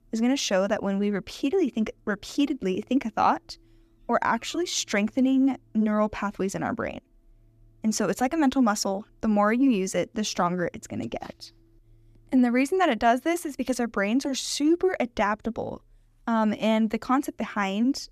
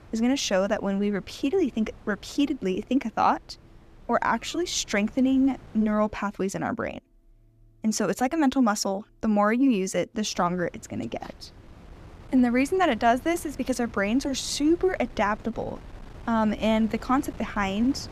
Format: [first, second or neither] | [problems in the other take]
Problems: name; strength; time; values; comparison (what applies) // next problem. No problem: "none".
first | wind noise on the microphone; occasional gusts; until 6 s and from 10 s on; 25 dB below the speech